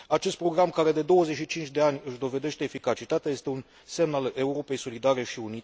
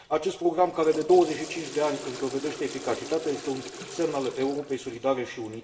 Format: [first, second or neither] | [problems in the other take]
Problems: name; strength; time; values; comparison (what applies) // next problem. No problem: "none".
first | background sound (Toilet flush / Water); 14 dB below the speech // room echo; dies away in 1.6 s